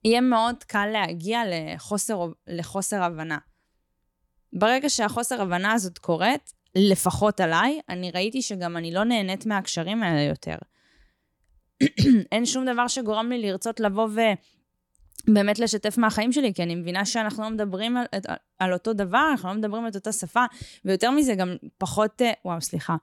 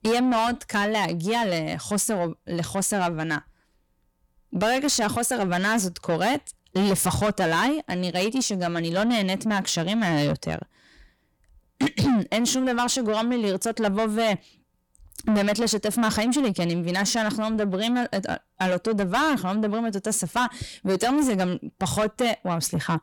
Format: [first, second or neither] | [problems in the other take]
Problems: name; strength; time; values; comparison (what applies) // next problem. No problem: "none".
first | distortion; heavy; 7 dB below the speech